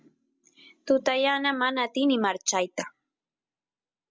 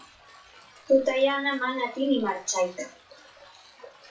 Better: first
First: none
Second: noise reduction (classical method WPE with log-MMSE)

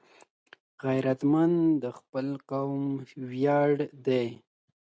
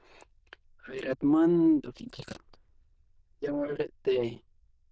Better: first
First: none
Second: noise reduction (neural diffusion model UNIVERSE++)

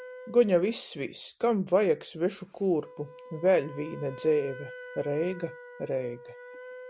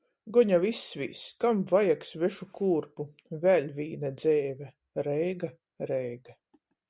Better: second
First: background sound (Wind instrument, woodwind instrument); 17 dB below the speech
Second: none

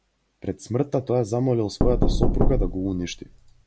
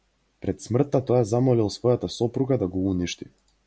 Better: second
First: background sound (Knock); 4 dB above the speech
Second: none

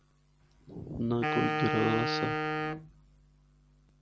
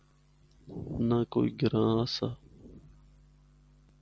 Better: second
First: background sound (Wind instrument, woodwind instrument); 2 dB above the speech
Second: none

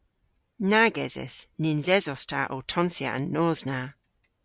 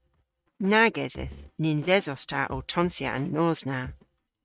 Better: first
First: none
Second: noise reduction (neural mask model RNNoise)

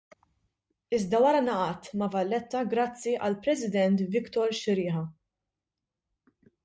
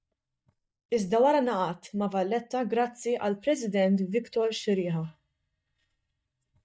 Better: first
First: none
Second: noise reduction (neural mask model DeepFilterNet 3)

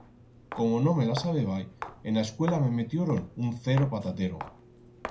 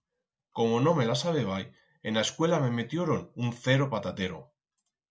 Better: second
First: background sound (Walk, footsteps); 15 dB below the speech // room echo; dies away in 0.4 s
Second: none

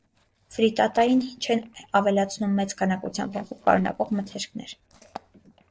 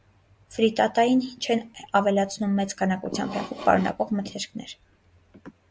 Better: second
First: noise reduction (neural separator model SepFormer DNS4)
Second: none

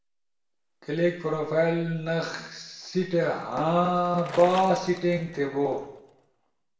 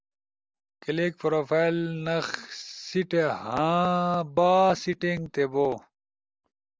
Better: second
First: background sound (Bicycle); 19 dB below the speech // room echo; dies away in 0.8 s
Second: none

